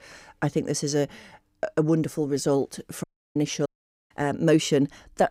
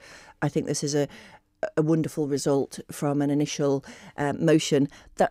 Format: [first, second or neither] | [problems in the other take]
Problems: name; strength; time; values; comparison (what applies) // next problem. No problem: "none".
second | audio cutting out; at 3 s and at 3.5 s